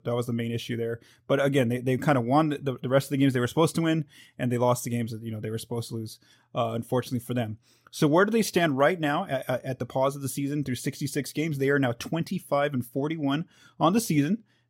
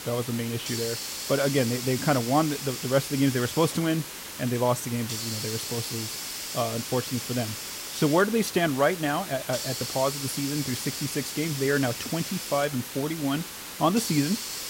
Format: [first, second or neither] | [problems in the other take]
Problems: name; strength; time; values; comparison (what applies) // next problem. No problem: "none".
first | hiss; loud; throughout; 5 dB below the speech